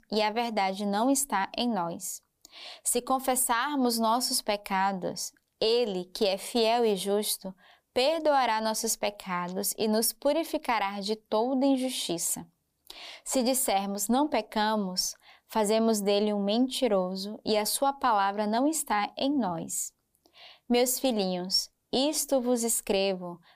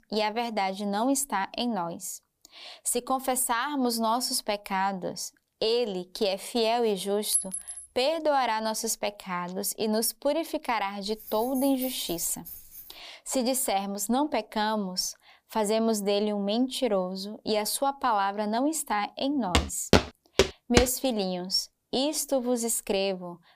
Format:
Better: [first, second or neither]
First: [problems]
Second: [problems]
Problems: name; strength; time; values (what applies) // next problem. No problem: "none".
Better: first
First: none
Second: clattering dishes; loud; at 7.5 s; peak 1 dB above the speech // jangling keys; noticeable; from 11 to 13 s; peak 8 dB below the speech // footsteps; loud; from 20 to 21 s; peak 4 dB above the speech